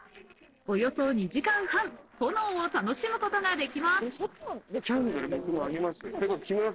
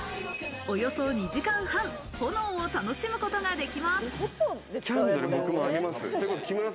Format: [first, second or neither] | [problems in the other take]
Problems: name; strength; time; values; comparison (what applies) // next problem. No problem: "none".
second | noise reduction (neural separator model SepFormer DNS4)